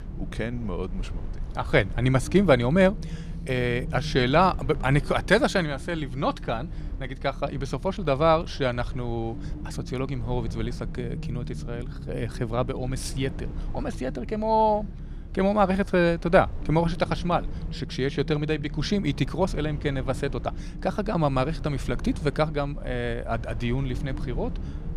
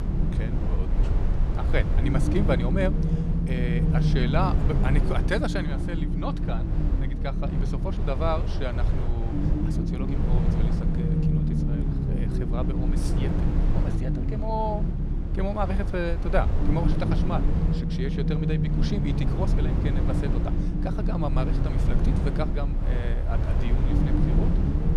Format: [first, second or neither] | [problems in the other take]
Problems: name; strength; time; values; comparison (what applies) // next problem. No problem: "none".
first | low rumble; loud; throughout; 3 dB below the speech; faint in the first